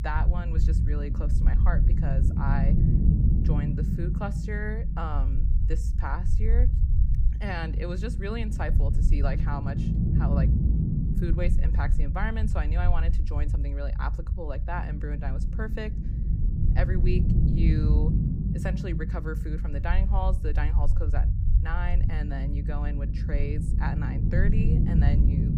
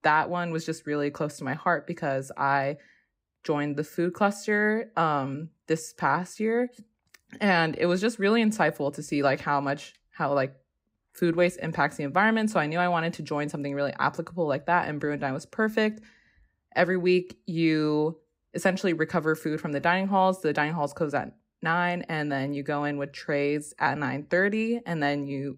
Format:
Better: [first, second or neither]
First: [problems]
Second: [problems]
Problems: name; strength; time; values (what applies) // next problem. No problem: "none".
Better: second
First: low rumble; loud; throughout; 3 dB below the speech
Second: none